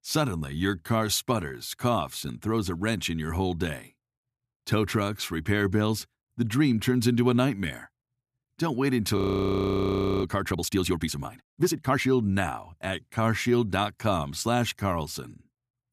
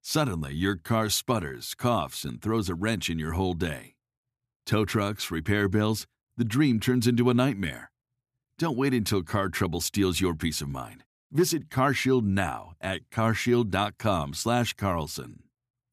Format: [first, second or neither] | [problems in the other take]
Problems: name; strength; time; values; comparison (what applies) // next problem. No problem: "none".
second | audio freezing; at 9 s for 1 s